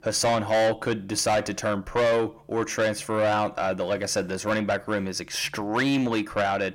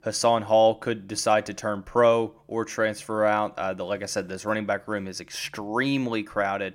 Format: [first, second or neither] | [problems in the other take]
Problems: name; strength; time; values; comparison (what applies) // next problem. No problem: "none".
second | distortion; heavy; 7 dB below the speech